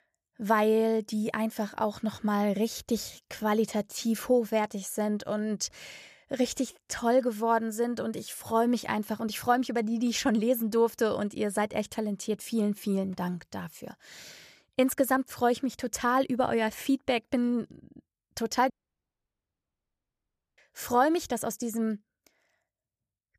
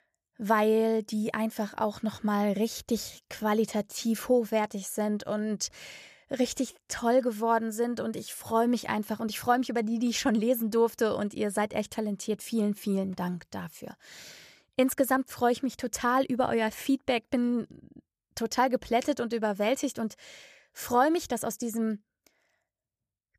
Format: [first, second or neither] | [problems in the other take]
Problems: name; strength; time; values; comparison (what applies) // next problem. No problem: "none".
second | audio cutting out; at 19 s for 2 s